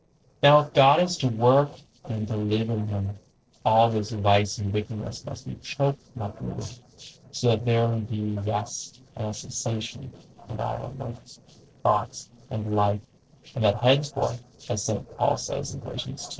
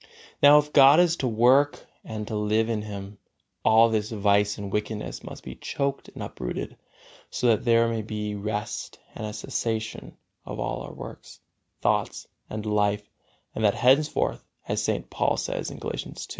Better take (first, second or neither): second